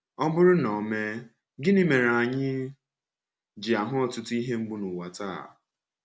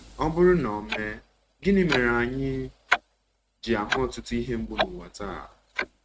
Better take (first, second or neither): first